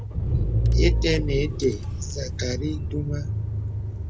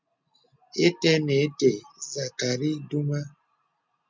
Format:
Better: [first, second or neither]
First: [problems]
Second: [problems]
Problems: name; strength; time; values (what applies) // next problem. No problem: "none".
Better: second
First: background sound (Engine / Car); 4 dB above the speech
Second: none